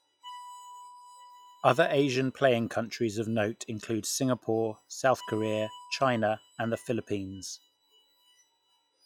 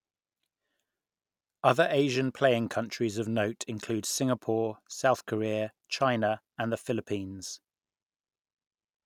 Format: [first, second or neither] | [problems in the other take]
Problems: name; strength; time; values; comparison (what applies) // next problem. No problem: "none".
second | noise reduction (classical method log-MMSE)